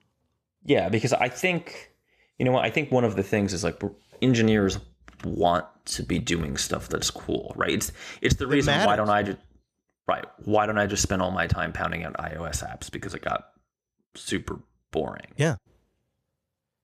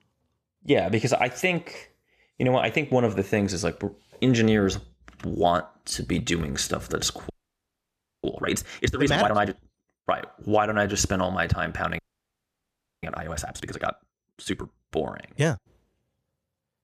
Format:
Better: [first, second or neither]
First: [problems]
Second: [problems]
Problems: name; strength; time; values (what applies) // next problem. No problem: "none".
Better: first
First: none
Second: audio freezing; at 7.5 s for 1 s and at 12 s for 1 s